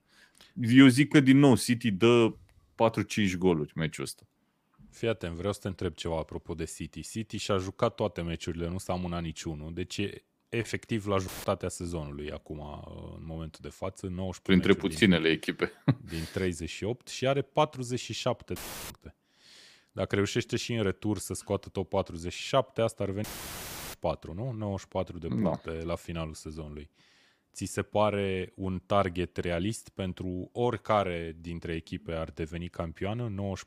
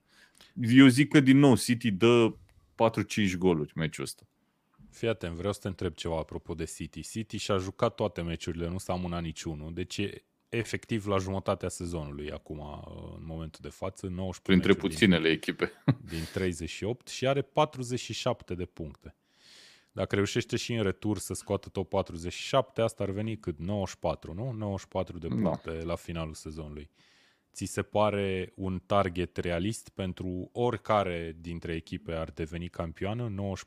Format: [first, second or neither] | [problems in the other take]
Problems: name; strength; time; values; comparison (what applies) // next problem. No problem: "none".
second | audio cutting out; filled with static; at 11 s, at 19 s and at 23 s for 0.5 s